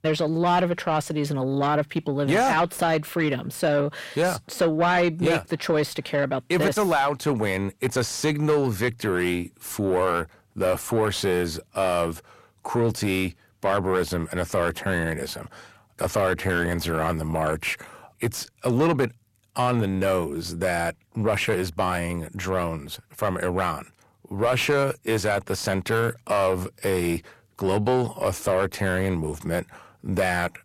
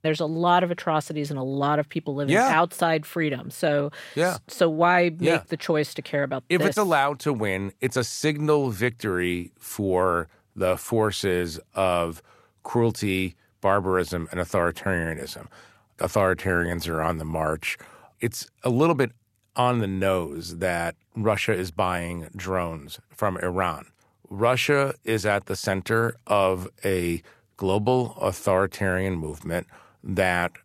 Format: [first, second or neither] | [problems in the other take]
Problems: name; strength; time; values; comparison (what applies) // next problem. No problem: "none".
second | distortion; slight; 10 dB below the speech